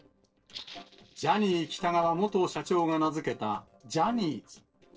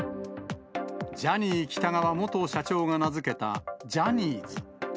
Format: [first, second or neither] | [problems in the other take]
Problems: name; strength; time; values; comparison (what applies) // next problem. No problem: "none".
second | noise reduction (neural separator model SepFormer DNS4)